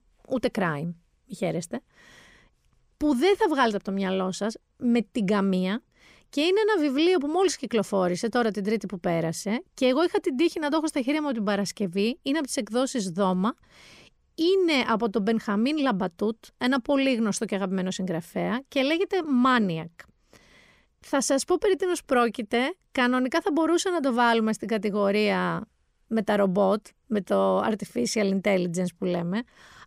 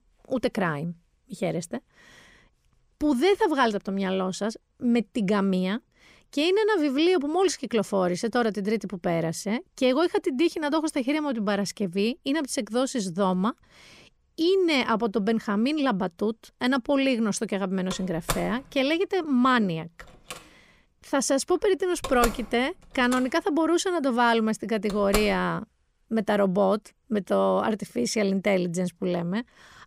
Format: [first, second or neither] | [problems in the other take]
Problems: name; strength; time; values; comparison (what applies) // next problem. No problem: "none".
first | door banging; noticeable; from 18 to 25 s; peak 5 dB below the speech